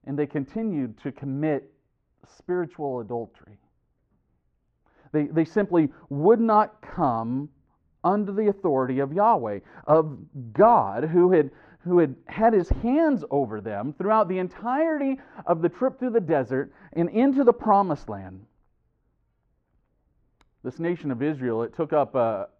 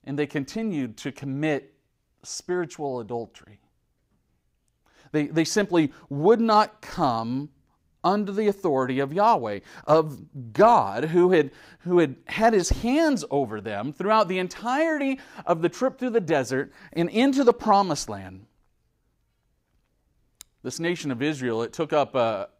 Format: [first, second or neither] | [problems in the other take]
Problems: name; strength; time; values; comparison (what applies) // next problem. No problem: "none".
second | muffled; very; fading above 4 kHz